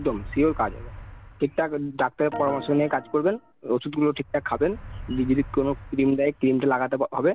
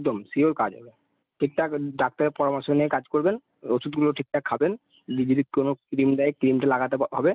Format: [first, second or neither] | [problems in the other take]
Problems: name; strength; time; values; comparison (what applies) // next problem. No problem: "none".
second | background sound (Organ + Motor vehicle (road)); 16 dB below the speech